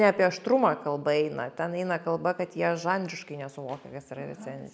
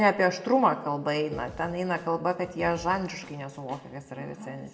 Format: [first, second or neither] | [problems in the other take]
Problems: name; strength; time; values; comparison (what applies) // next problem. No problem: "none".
first | background sound (Snare drum / Drum kit); 20 dB below the speech // room echo; dies away in 1.1 s